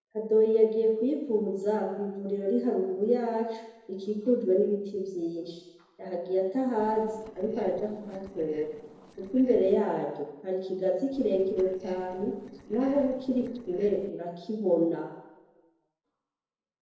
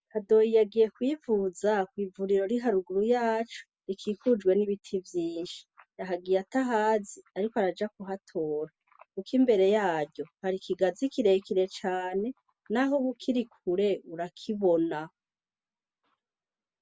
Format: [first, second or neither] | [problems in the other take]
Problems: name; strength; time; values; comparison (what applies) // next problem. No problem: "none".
second | noise reduction (neural separator model SepFormer DNS4)